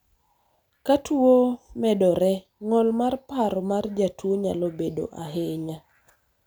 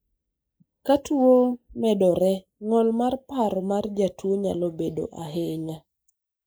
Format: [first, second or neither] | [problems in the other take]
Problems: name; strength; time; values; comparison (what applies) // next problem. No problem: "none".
first | noise reduction (neural mask model Resemble Enhance denoiser)